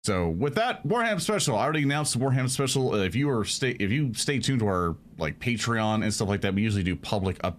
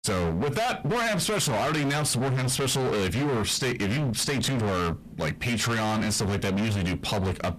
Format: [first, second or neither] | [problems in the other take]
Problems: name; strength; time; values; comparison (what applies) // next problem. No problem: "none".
first | distortion; heavy; 42% of the sound clipped